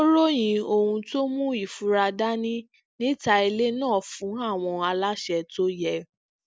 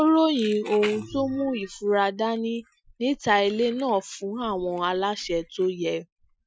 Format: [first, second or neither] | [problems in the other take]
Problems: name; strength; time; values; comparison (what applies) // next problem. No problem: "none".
first | noise reduction (classical method Wiener filter)